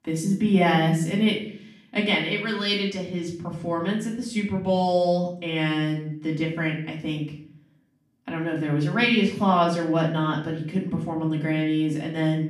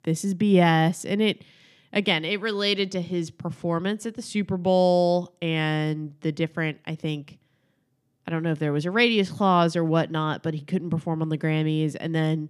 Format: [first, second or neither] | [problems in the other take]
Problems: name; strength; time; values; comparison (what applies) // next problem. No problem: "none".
second | room echo; slight; dies away in 0.5 s // off-mic speech; far